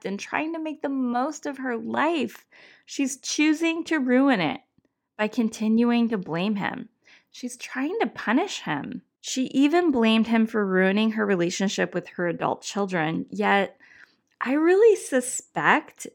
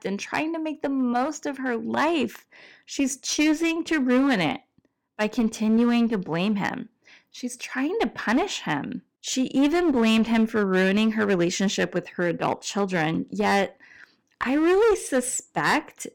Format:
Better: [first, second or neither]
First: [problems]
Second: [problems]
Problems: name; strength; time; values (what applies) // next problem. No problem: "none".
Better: first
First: none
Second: distortion; slight; 9% of the sound clipped